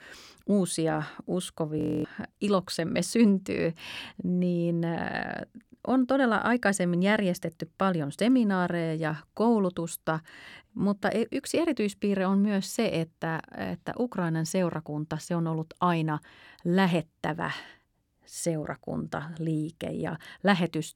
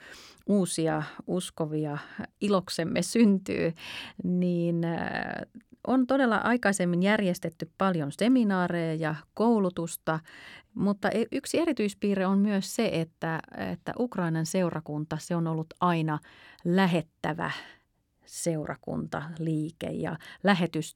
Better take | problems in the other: second | audio freezing; at 2 s

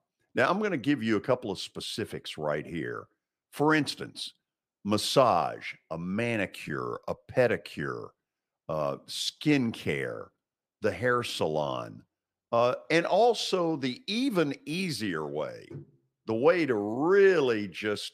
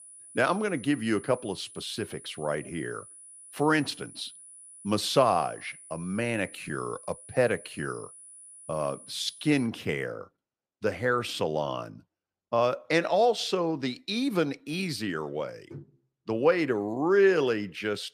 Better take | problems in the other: first | high-pitched whine; noticeable; until 9.5 s; 10 kHz, 20 dB below the speech

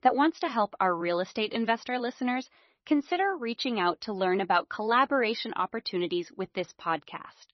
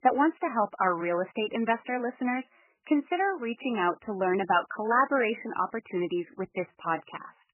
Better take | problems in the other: first | garbled, watery; badly; nothing above 3 kHz; slightly in the first

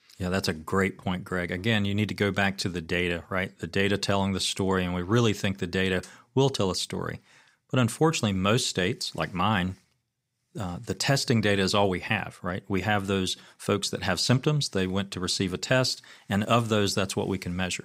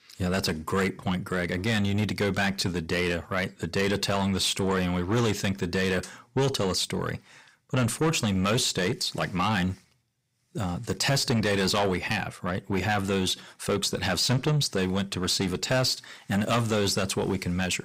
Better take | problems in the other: first | distortion; heavy; 8 dB below the speech

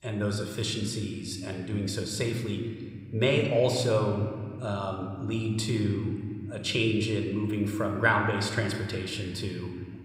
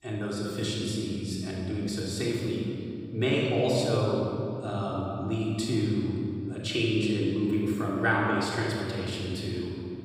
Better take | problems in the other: first | room echo; strong; dies away in 2.5 s; slight in the first // off-mic speech; far

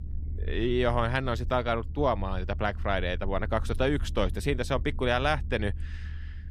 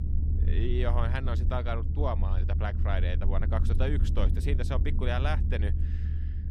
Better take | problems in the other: first | low rumble; loud; throughout; 9 dB below the speech; faint in the first

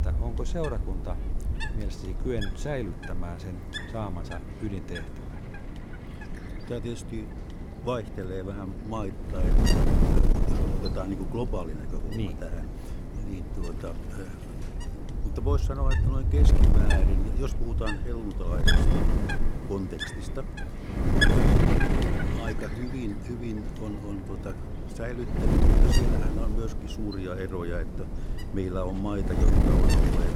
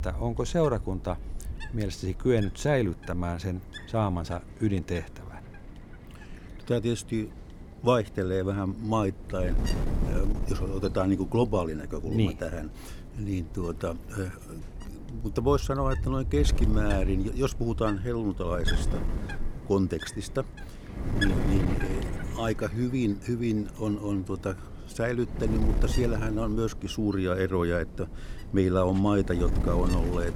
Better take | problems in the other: second | wind noise on the microphone; heavy; 3 dB above the speech; occasional gusts in the second

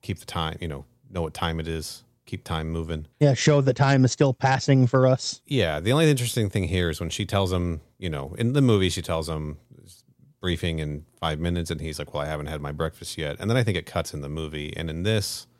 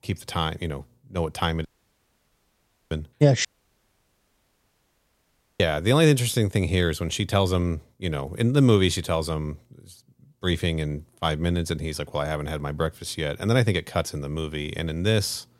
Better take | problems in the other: first | audio cutting out; at 1.5 s for 1.5 s and at 3.5 s for 2 s

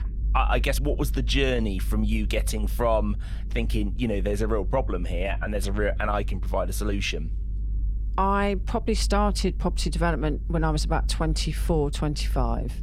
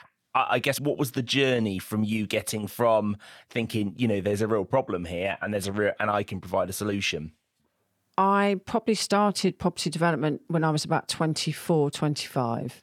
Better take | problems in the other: second | low rumble; faint; throughout; 25 dB below the speech

